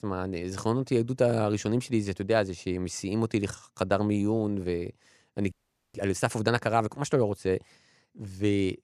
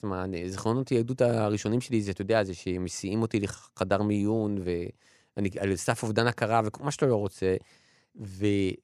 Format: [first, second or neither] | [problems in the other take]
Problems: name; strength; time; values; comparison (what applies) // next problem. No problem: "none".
second | audio freezing; at 5.5 s